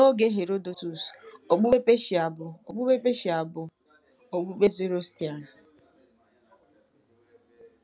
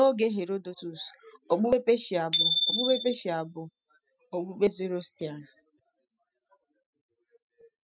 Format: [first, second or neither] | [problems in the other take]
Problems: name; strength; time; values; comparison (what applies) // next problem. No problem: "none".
first | noise reduction (classical method spectral subtraction)